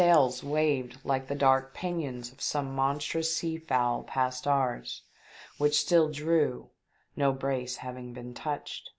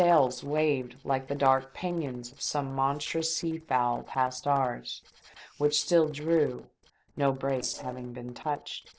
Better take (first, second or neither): first